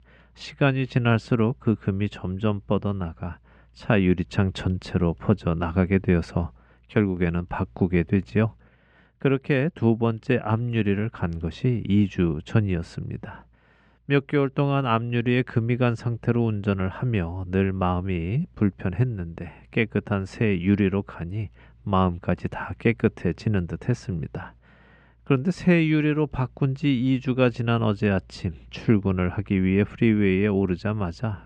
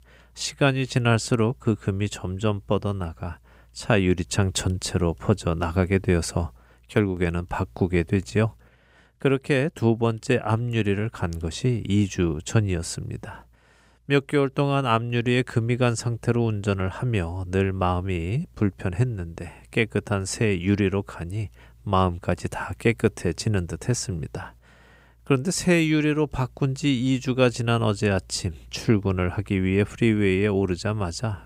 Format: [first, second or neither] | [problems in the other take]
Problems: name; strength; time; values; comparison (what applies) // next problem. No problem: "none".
second | muffled; slightly; fading above 2.5 kHz